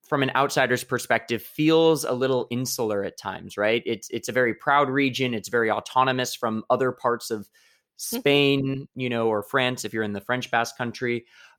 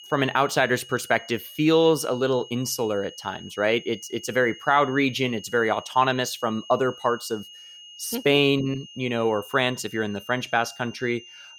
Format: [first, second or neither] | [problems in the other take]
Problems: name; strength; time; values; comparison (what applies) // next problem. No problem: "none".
first | high-pitched whine; noticeable; throughout; 3 kHz, 20 dB below the speech